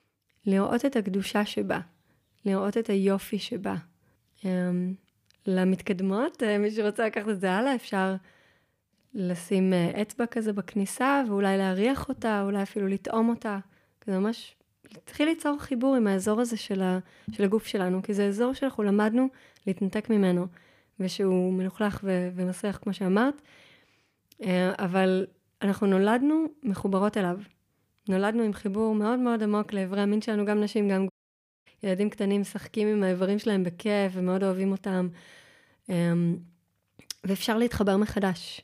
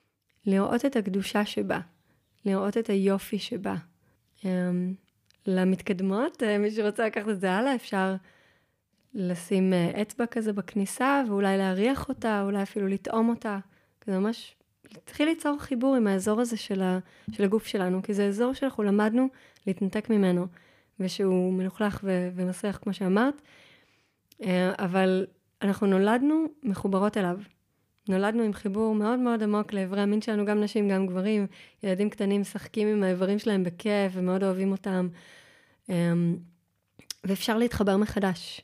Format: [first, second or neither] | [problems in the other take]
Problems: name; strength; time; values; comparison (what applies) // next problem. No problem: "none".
second | audio cutting out; at 31 s for 0.5 s